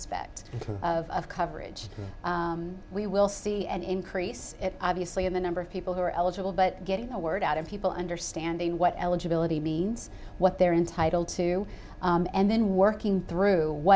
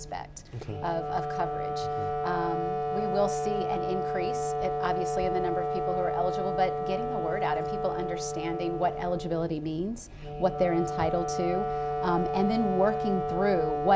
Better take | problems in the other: first | background sound (Wind instrument, woodwind instrument); 1 dB below the speech

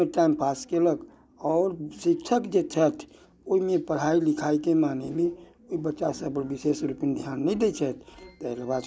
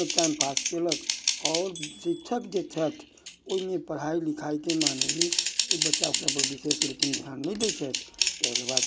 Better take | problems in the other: first | background sound (Typing); 2 dB above the speech

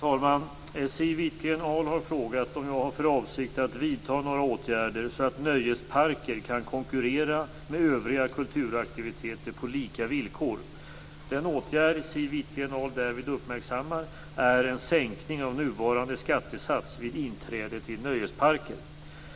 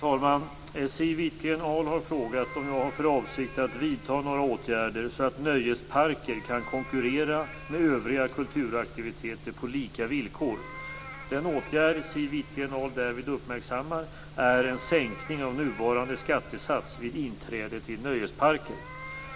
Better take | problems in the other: first | background sound (Meow); 18 dB below the speech

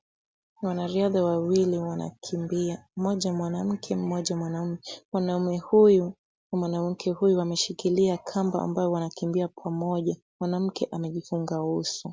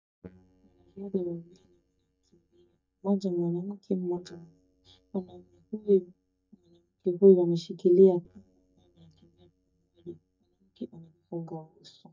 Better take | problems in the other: first | noise reduction (neural mask model DeepFilterNet 3)

